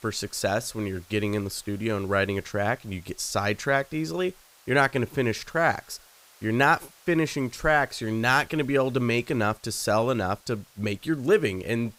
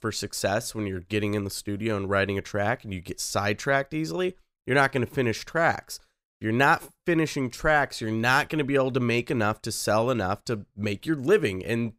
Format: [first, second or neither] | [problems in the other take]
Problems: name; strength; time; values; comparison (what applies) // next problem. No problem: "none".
second | hiss; faint; throughout; 25 dB below the speech